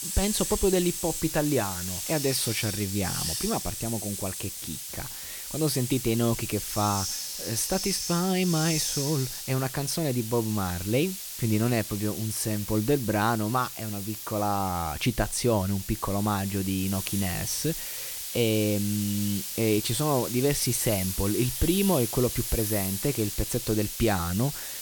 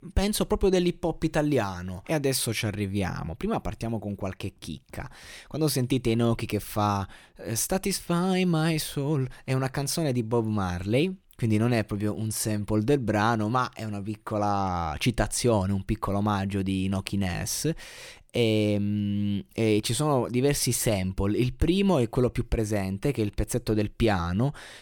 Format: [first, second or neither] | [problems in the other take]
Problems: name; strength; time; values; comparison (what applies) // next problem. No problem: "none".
second | hiss; loud; throughout; 4 dB below the speech